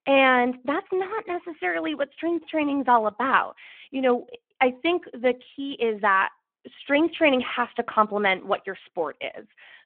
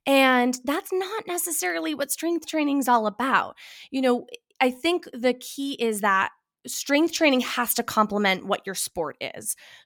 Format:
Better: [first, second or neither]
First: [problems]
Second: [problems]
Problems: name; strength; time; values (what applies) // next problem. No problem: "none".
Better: second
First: phone-call audio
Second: none